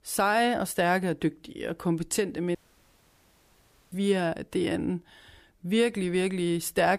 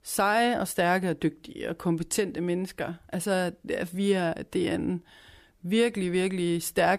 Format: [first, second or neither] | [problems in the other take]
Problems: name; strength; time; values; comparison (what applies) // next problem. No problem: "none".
second | audio cutting out; at 2.5 s for 1.5 s